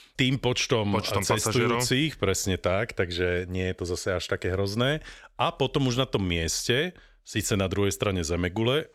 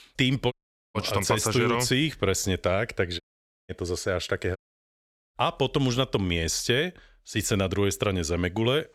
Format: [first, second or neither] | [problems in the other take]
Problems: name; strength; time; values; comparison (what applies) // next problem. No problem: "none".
first | audio cutting out; at 0.5 s, at 3 s and at 4.5 s for 1 s